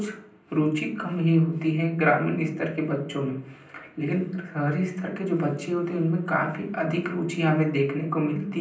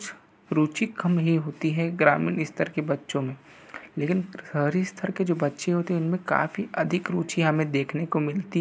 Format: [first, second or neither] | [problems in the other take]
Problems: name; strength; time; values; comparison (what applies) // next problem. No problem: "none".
second | room echo; dies away in 0.6 s